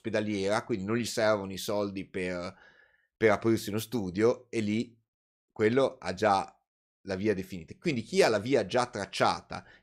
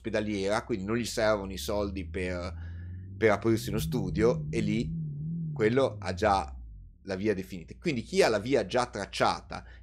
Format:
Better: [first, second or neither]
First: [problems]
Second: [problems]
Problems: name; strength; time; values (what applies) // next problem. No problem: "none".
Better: first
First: none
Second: low rumble; noticeable; throughout; 20 dB below the speech